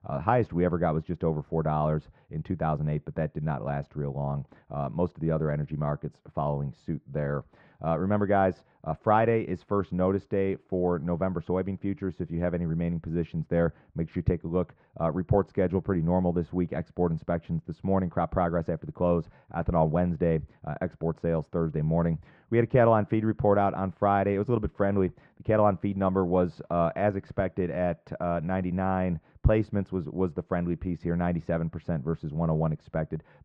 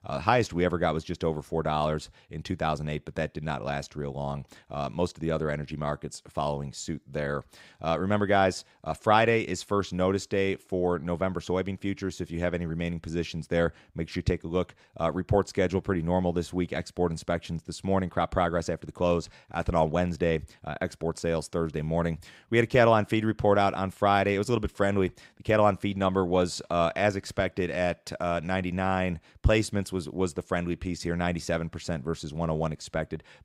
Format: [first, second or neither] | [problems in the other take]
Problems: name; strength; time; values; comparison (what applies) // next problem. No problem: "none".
second | muffled; very; fading above 1.5 kHz